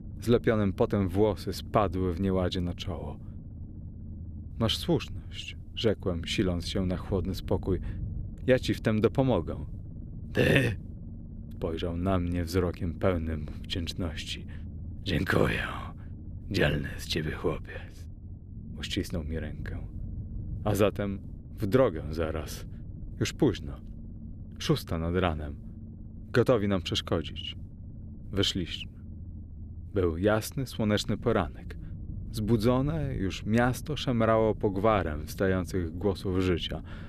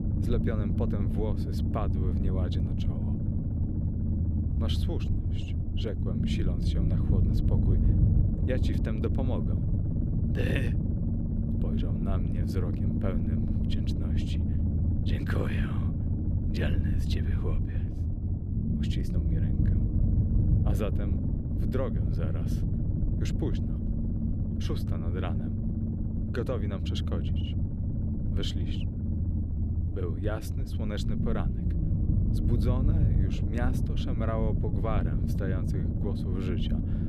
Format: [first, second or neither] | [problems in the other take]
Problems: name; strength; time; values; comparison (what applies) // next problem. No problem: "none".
first | low rumble; loud; throughout; as loud as the speech; faint in the first